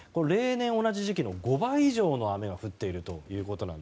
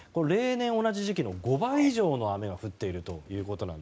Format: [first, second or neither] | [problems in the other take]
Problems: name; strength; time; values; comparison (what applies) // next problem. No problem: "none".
first | background sound (Frog); 18 dB below the speech